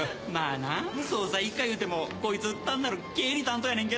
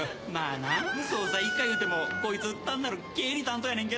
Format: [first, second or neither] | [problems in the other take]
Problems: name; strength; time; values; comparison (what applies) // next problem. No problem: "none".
first | background sound (Chicken, rooster); 4 dB below the speech